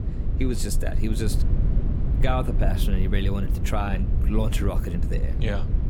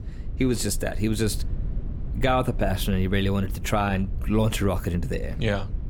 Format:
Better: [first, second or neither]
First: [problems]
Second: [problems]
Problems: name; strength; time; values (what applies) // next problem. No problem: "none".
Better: second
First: low rumble; loud; throughout; 8 dB below the speech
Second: low rumble; faint; throughout; 20 dB below the speech